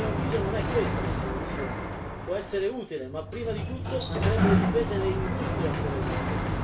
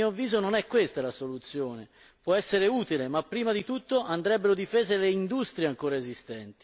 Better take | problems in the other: second | background sound (Sliding door); 4 dB above the speech // room echo; dies away in 0.3 s

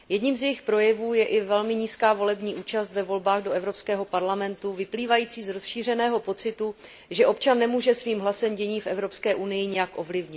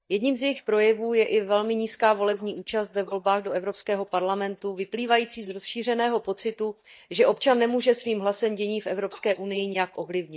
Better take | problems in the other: first | noise reduction (neural mask model DeepFilterNet 3)

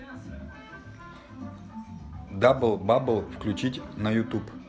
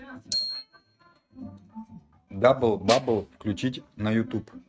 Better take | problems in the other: first | noise reduction (neural mask model RNNoise)

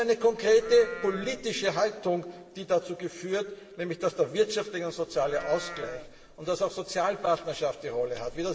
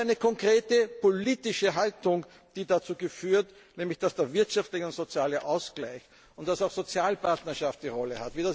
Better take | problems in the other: second | background sound (Livestock, farm animals, working animals); 15 dB below the speech // room echo; dies away in 2.7 s

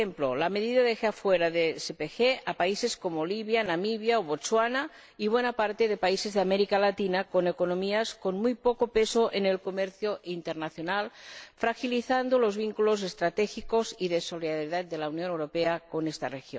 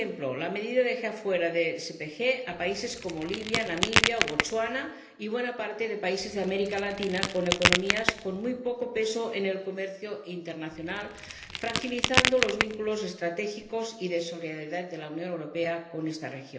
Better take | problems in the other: first | background sound (Crack); 1 dB above the speech // room echo; dies away in 0.8 s

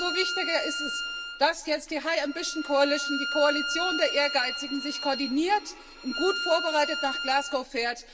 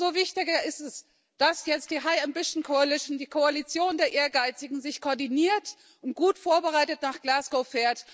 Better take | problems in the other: second | background sound (Bowed string instrument); 5 dB below the speech // room echo; dies away in 0.3 s

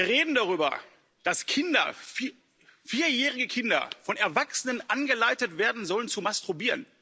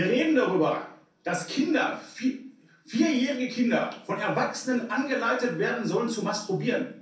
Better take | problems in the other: first | room echo; dies away in 0.6 s

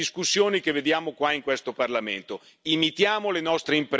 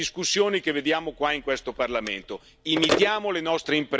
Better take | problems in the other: first | background sound (Telephone); 8 dB below the speech

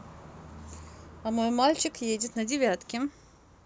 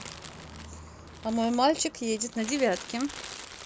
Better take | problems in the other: first | background sound (Crumpling, crinkling); 15 dB below the speech

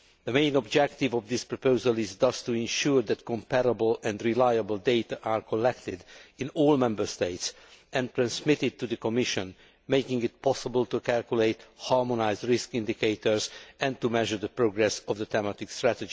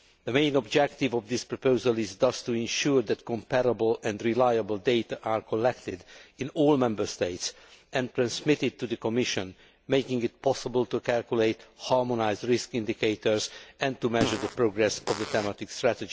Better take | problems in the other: first | background sound (Fart); 8 dB below the speech

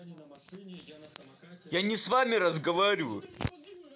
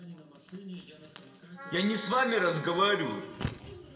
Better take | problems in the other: first | background sound (Wind instrument, woodwind instrument); 14 dB below the speech // room echo; dies away in 2.6 s

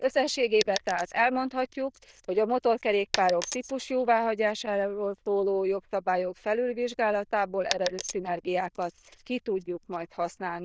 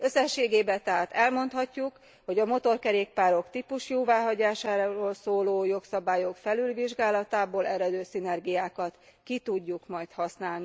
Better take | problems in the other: second | noise reduction (neural diffusion model UNIVERSE++)

